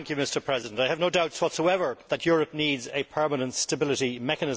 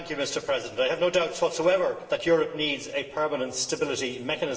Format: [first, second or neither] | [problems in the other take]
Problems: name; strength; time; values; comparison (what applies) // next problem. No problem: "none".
first | room echo; dies away in 1 s